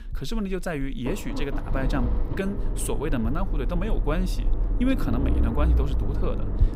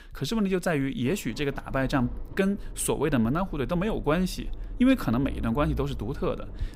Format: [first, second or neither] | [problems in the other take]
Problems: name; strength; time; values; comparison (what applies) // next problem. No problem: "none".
second | low rumble; loud; throughout; 6 dB below the speech; faint in the second